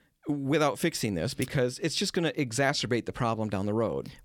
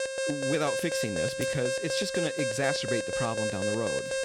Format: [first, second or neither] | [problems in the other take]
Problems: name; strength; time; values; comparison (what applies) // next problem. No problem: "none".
first | alarm; loud; peak 2 dB above the speech